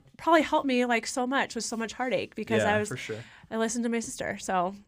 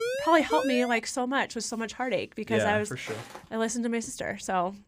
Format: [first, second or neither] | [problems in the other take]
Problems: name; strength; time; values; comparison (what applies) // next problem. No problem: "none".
first | siren; noticeable; at the start; peak 3 dB below the speech // footsteps; faint; at 3 s; peak 15 dB below the speech